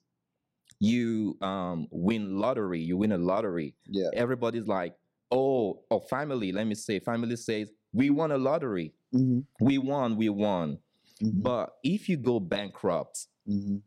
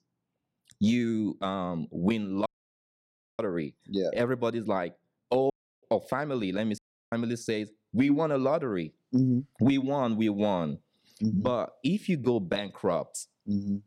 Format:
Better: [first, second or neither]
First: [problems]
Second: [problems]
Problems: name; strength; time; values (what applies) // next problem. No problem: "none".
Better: first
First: none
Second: audio cutting out; at 2.5 s for 1 s, at 5.5 s and at 7 s